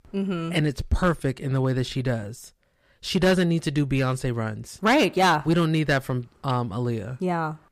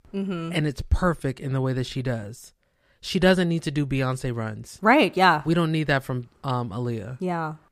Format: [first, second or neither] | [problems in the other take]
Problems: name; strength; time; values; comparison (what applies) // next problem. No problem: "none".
second | distortion; slight; 3% of the sound clipped